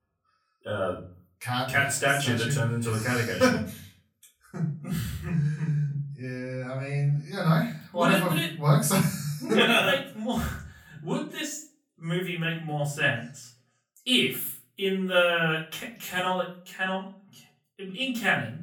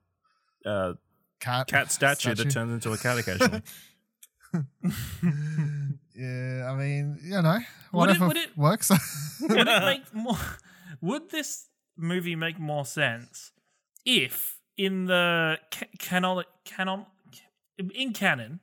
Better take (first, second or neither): second